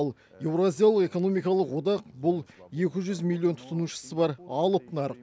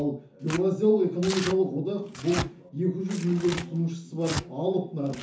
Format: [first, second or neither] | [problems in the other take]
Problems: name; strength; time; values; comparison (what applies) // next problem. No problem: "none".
first | background sound (Tearing); 12 dB below the speech // room echo; dies away in 0.9 s